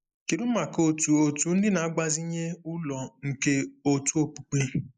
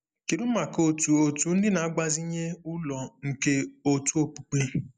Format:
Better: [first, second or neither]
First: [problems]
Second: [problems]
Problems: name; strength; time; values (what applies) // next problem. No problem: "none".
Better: second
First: noise reduction (neural mask model Resemble Enhance denoiser)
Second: none